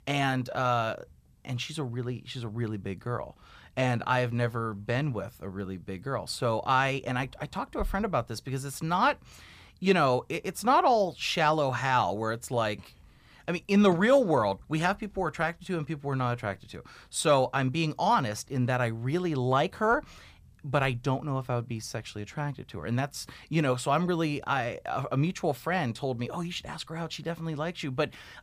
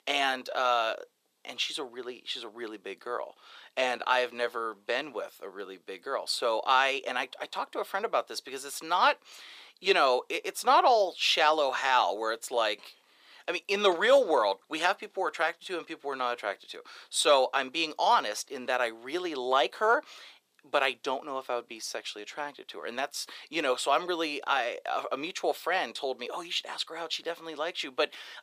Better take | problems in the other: first | thin; very; fading below 350 Hz

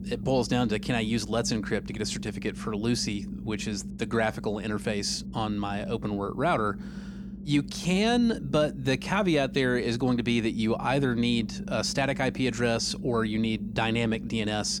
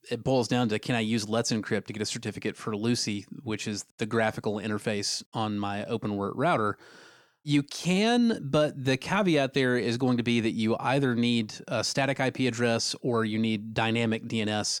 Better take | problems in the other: second | low rumble; noticeable; throughout; 15 dB below the speech

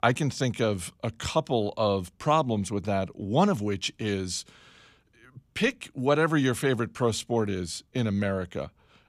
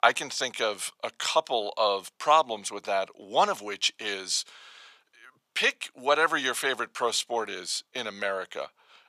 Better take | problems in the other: first | thin; very; fading below 800 Hz

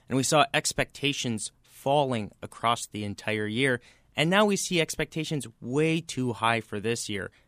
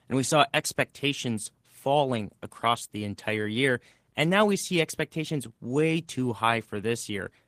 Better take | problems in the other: first | garbled, watery; slightly

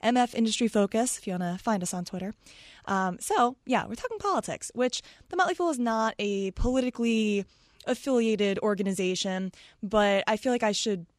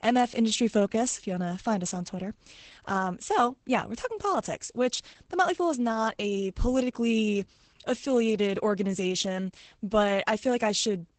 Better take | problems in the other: first | garbled, watery; badly; nothing above 8 kHz

